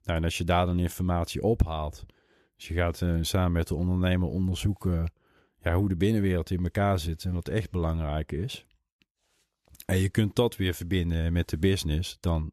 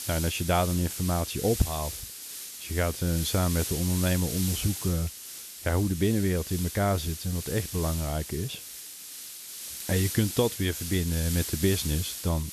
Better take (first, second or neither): first